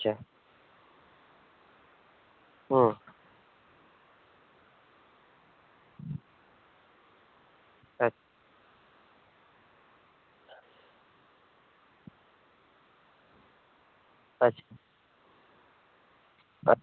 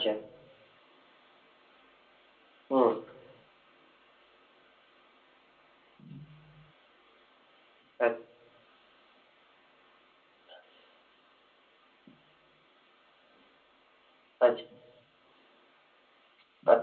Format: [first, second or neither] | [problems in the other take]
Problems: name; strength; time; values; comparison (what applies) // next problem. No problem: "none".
first | room echo; dies away in 0.3 s